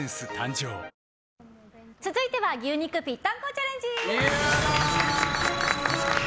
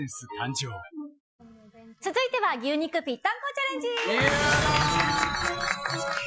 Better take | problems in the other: first | noise reduction (classical method Wiener filter)

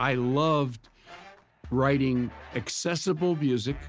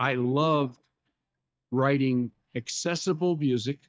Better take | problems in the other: first | noise reduction (neural mask model DeepFilterNet 3)

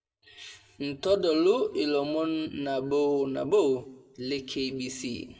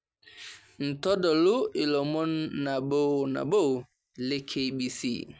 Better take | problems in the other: second | room echo; dies away in 1.1 s

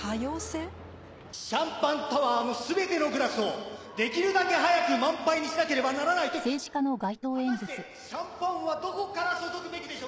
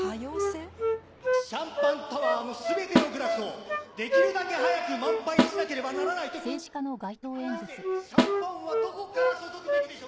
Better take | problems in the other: first | background sound (Snare drum + Wind instrument, woodwind instrument); 4 dB above the speech

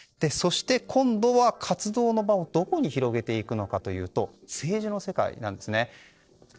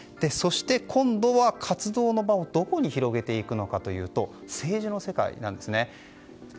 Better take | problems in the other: second | noise reduction (neural separator model SepFormer DNS4)

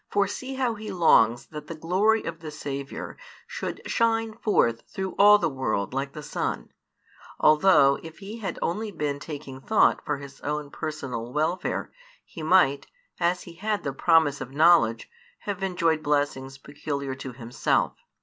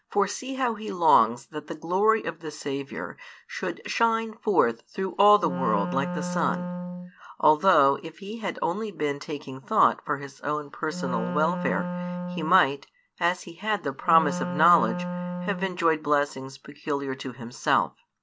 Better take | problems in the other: first | background sound (Wind instrument, woodwind instrument); 6 dB below the speech

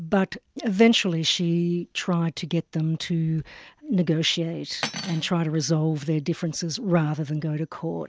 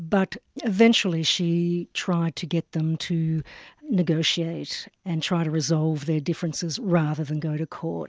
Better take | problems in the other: second | background sound (Cutlery, silverware); 13 dB below the speech

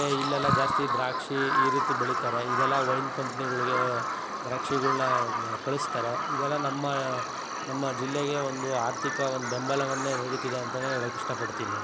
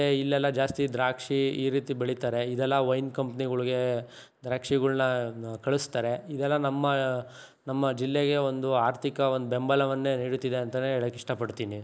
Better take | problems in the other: second | background sound (Bird vocalization, bird call, bird song); 1 dB above the speech

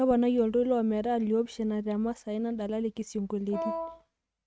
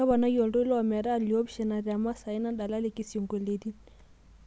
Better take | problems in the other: second | noise reduction (neural mask model RNNoise)

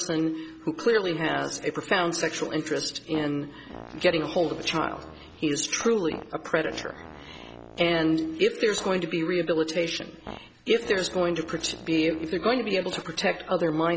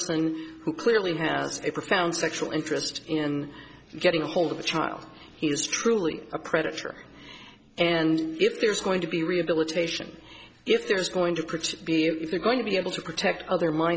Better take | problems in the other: second | background sound (Fart); 18 dB below the speech

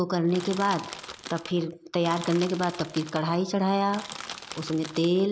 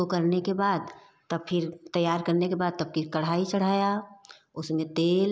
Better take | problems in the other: second | background sound (Crushing); 14 dB below the speech

